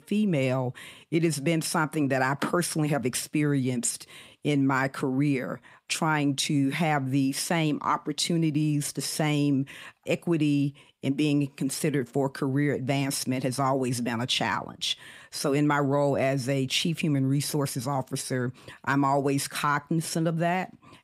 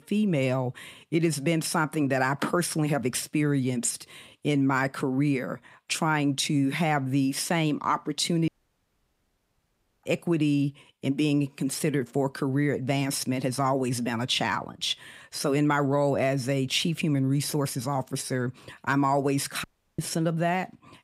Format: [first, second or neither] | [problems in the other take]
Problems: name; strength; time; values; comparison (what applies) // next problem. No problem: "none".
first | audio cutting out; at 8.5 s for 1.5 s and at 20 s